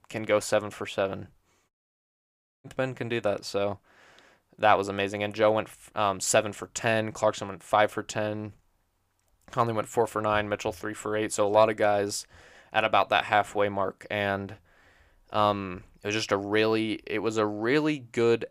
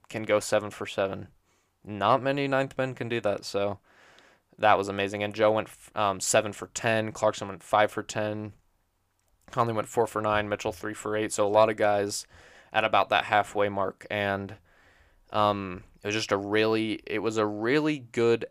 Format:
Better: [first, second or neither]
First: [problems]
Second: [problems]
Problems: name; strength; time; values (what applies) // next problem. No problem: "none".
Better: second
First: audio cutting out; at 1.5 s for 1 s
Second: none